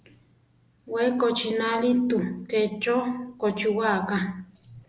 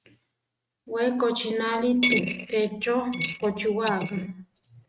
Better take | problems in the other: first | noise reduction (neural mask model RNNoise)

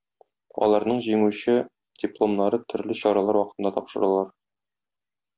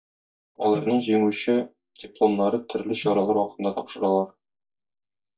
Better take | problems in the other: first | noise reduction (neural mask model DeepFilterNet 3)

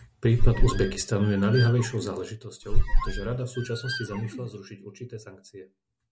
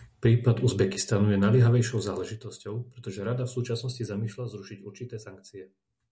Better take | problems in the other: second | background sound (Squeak); 3 dB above the speech

